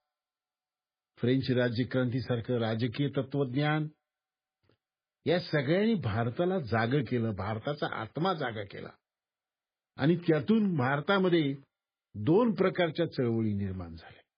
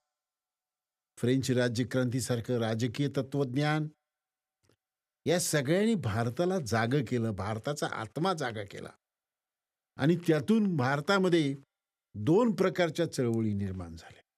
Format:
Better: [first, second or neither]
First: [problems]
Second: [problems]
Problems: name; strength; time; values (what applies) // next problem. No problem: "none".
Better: second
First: garbled, watery; badly; nothing above 5 kHz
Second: none